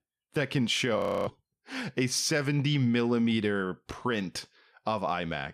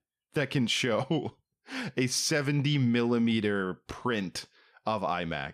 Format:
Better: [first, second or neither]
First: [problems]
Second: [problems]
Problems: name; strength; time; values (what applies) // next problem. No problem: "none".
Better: second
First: audio freezing; at 1 s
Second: none